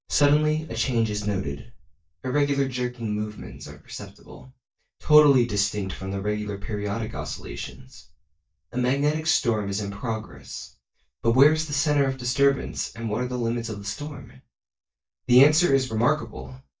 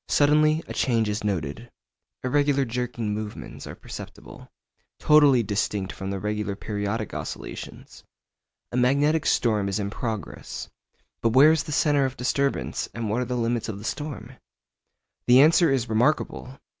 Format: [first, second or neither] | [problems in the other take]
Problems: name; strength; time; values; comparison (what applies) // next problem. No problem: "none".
second | noise reduction (neural mask model DeepFilterNet 3)